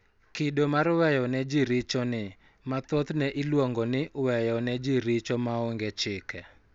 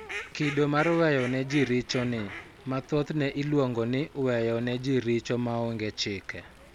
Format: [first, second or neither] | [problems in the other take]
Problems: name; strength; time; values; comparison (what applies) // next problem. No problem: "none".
first | background sound (Fowl); 15 dB below the speech